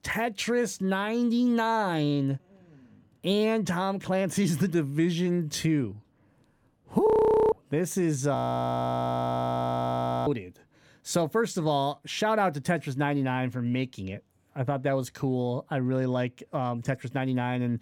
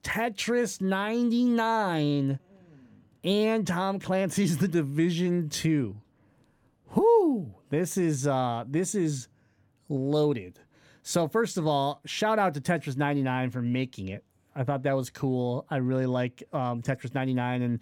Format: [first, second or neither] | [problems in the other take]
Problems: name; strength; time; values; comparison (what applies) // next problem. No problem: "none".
second | audio freezing; at 7 s and at 8.5 s for 2 s